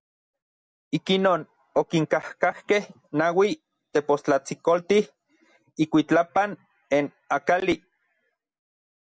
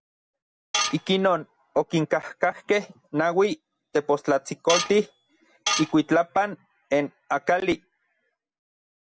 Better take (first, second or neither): first